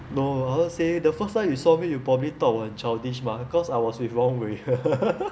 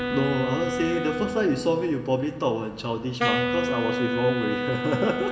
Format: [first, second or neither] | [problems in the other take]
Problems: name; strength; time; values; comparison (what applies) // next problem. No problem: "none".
first | background sound (Wind instrument, woodwind instrument); 3 dB below the speech // room echo; dies away in 1.1 s